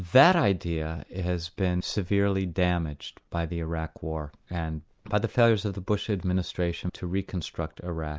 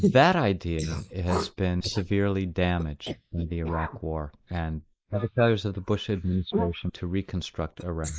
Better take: first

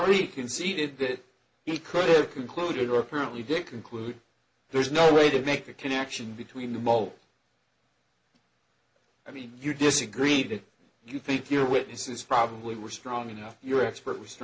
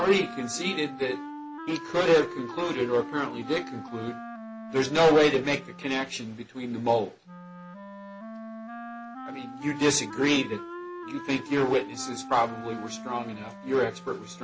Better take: first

